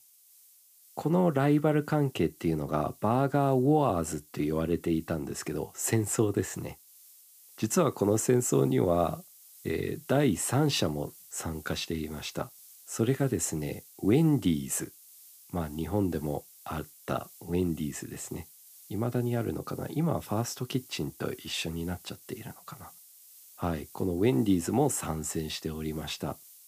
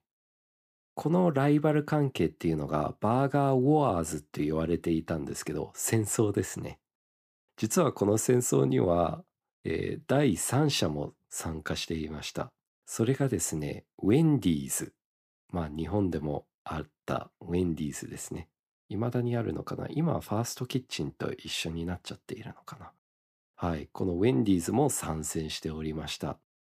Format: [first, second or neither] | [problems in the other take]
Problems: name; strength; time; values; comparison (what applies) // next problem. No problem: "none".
second | hiss; faint; throughout; 20 dB below the speech